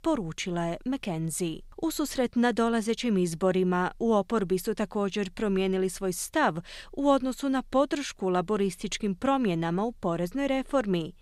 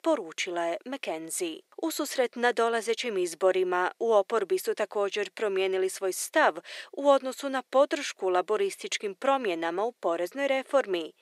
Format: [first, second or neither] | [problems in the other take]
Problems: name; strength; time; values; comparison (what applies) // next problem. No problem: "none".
first | thin; somewhat; fading below 350 Hz